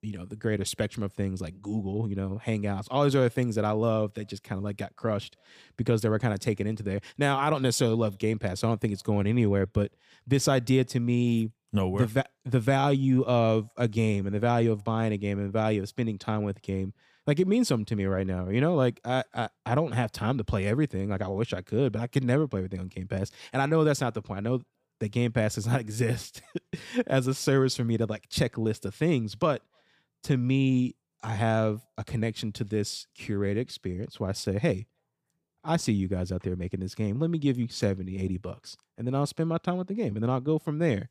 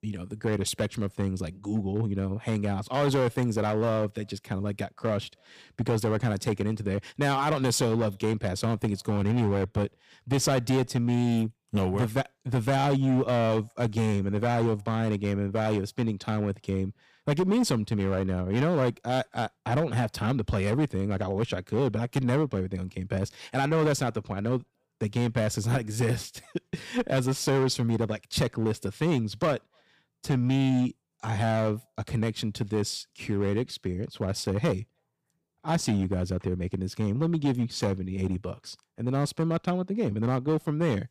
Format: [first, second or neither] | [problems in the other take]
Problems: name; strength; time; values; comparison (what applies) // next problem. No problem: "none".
first | distortion; slight; 8% of the sound clipped